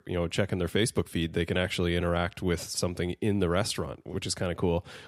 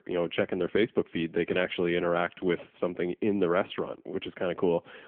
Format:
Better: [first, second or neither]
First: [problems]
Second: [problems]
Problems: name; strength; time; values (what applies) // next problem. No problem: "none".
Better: first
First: none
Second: phone-call audio; poor line; nothing above 3.5 kHz